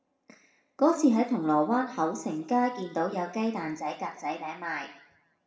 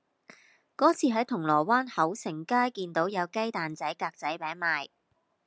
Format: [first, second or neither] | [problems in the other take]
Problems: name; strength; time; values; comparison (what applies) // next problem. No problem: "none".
second | room echo; dies away in 0.7 s